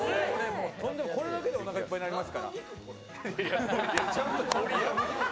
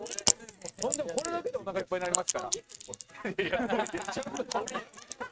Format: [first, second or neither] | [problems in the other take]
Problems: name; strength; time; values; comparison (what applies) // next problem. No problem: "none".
first | noise reduction (neural mask model RNNoise)